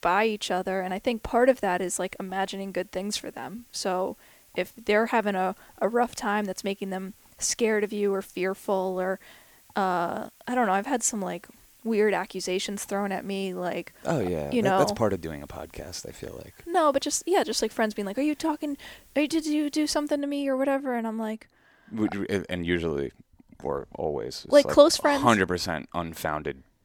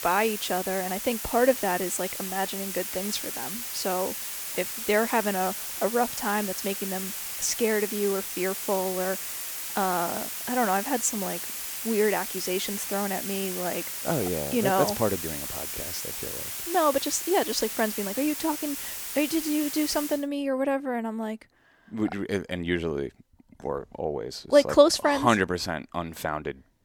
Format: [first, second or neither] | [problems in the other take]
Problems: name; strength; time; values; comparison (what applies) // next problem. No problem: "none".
first | hiss; loud; until 20 s; 4 dB below the speech; faint in the first